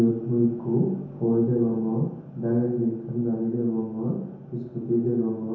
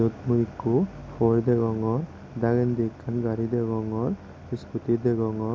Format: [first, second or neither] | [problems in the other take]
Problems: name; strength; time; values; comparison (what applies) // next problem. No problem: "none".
second | room echo; dies away in 0.9 s